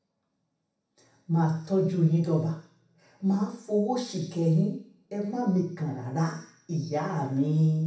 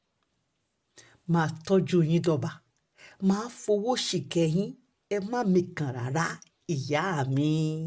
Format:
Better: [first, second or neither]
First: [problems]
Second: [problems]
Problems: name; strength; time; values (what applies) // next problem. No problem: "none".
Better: second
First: room echo; dies away in 0.7 s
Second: none